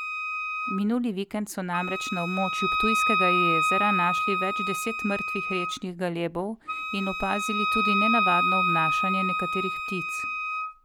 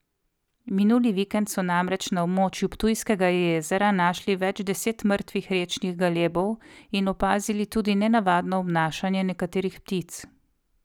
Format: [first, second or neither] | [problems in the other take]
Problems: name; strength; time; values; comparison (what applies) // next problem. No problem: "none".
second | background sound (Wind instrument, woodwind instrument); 3 dB above the speech